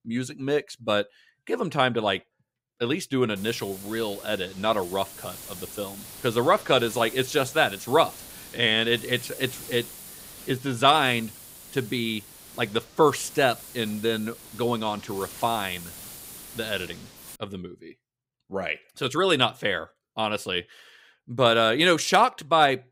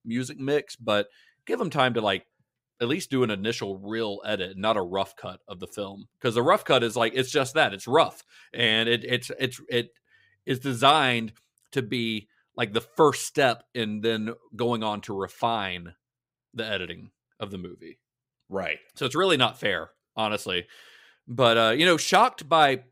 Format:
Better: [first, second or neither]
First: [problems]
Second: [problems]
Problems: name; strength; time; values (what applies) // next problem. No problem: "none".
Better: second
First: hiss; noticeable; from 3.5 to 17 s; 15 dB below the speech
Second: none